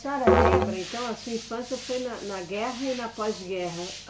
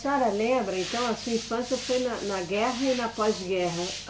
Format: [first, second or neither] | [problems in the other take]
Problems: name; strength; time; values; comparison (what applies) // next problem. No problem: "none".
second | background sound (Musical instrument); 4 dB above the speech